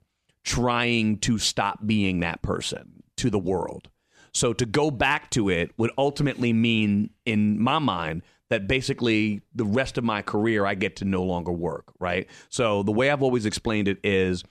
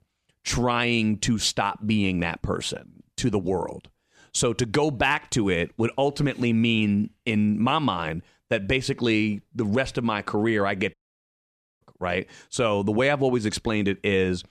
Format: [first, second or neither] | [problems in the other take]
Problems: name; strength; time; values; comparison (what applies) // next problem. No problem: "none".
first | audio cutting out; at 11 s for 1 s